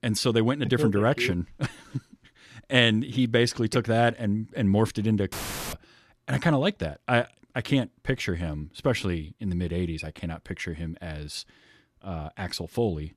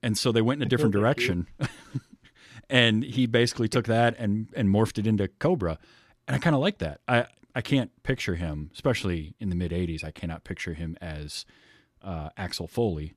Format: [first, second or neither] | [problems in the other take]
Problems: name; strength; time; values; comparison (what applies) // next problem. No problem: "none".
second | audio cutting out; filled with static; at 5.5 s